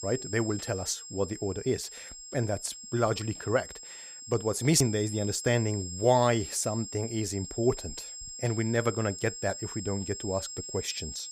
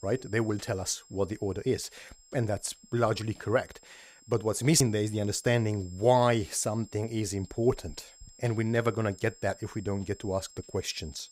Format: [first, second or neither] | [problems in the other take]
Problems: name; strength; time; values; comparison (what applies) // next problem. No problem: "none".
second | high-pitched whine; loud; throughout; 7.5 kHz, 9 dB below the speech; faint in the second